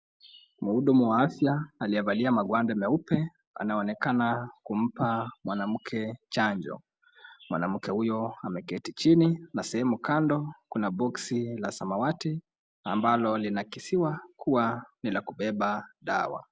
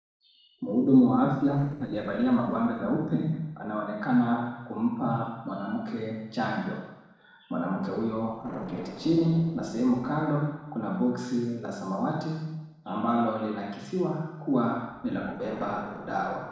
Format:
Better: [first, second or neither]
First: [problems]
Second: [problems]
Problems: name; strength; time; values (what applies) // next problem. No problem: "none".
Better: first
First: none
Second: noise reduction (neural separator model SepFormer DNS4)